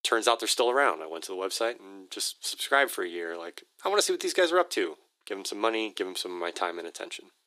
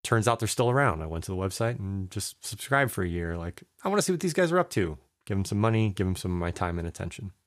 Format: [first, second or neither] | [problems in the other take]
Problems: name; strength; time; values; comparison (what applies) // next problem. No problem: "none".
second | thin; very; fading below 300 Hz